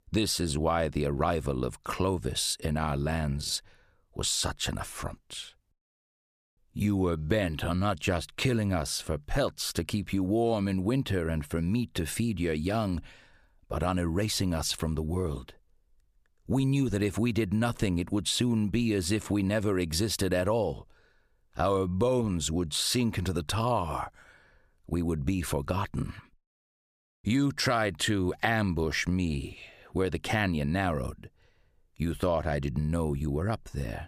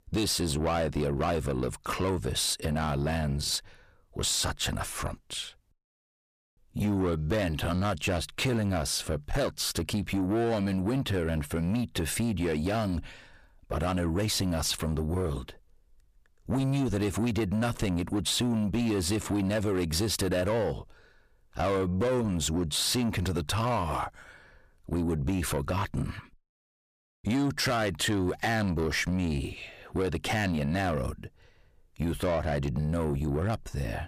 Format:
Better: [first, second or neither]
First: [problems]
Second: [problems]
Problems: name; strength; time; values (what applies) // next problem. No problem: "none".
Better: first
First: none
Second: distortion; slight; 10 dB below the speech